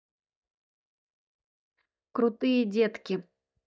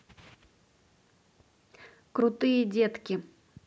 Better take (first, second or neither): second